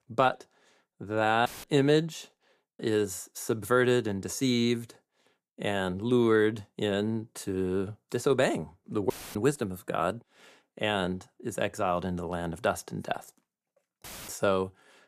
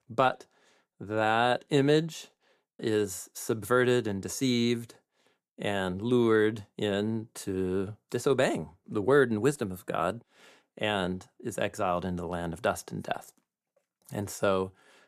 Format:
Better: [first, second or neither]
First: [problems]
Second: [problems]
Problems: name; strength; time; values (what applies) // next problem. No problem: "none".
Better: second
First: audio cutting out; filled with static; at 1.5 s, at 9 s and at 14 s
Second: none